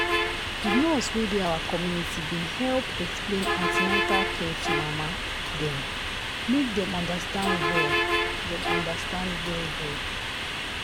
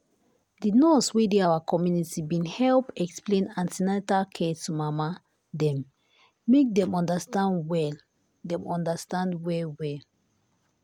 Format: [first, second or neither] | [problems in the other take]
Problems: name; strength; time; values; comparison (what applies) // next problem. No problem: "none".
second | background sound (Bus); 2 dB above the speech